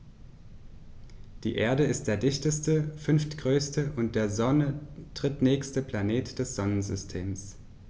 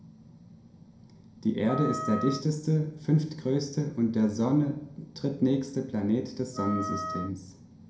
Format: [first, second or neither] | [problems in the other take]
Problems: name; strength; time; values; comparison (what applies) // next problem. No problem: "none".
first | background sound (Wind instrument, woodwind instrument); 9 dB below the speech // room echo; dies away in 0.5 s